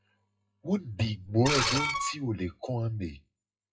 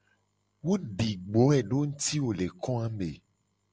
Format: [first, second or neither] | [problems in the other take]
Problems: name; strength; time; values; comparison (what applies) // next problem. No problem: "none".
second | noise reduction (classical method WPE with log-MMSE)